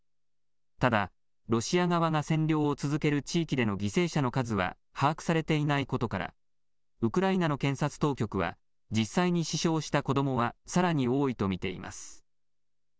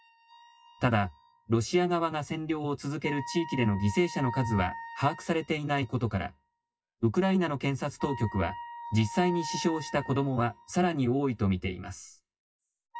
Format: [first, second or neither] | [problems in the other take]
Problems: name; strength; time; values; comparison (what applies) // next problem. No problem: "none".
first | noise reduction (classical method WPE with log-MMSE)